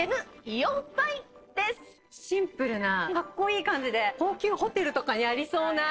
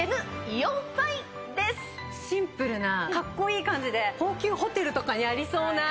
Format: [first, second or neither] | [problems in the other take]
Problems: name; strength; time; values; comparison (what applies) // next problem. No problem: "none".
second | noise reduction (neural separator model SepFormer DNS4)